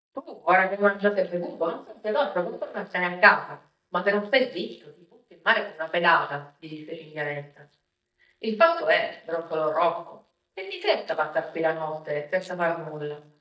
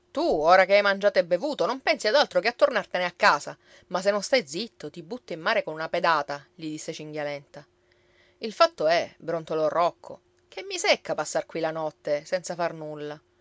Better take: second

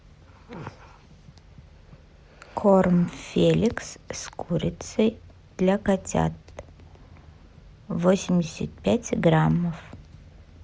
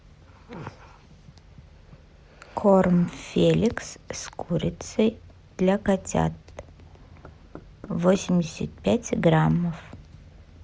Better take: first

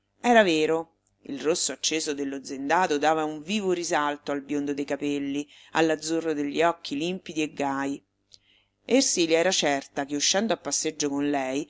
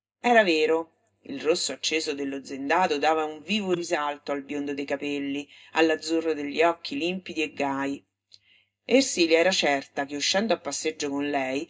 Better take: first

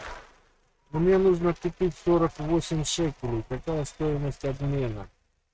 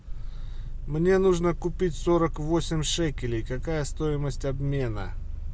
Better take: second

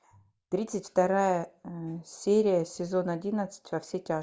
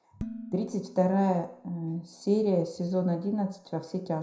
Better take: first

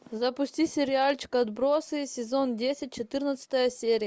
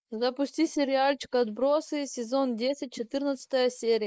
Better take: first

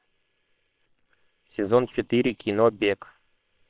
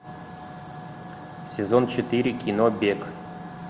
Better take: second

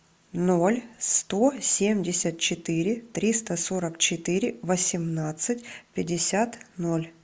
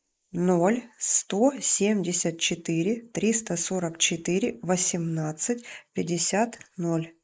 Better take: first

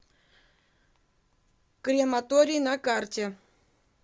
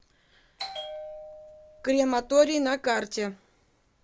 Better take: first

